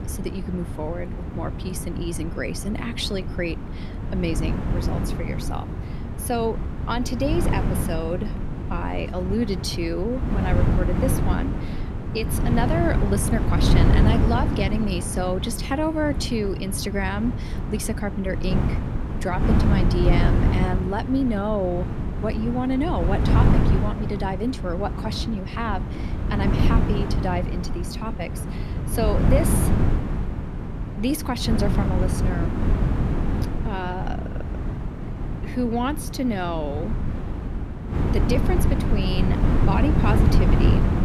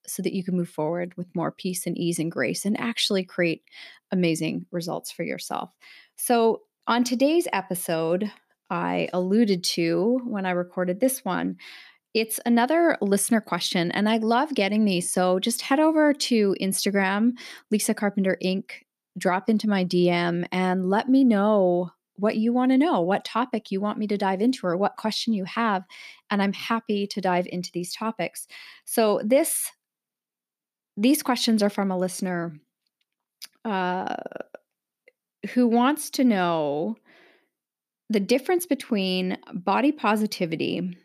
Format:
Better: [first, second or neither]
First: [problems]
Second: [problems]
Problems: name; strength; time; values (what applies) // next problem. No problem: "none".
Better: second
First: wind noise on the microphone; heavy; 4 dB below the speech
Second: none